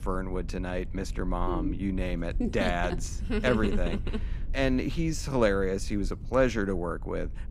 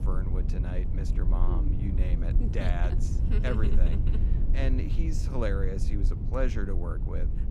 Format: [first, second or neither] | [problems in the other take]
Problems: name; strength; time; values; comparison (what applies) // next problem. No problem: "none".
first | low rumble; loud; throughout; 6 dB below the speech; faint in the first